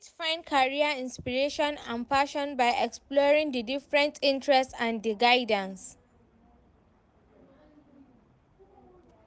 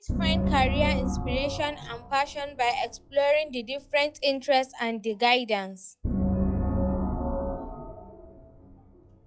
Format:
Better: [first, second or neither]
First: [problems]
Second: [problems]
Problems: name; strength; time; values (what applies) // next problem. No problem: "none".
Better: first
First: none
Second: noise reduction (classical method log-MMSE)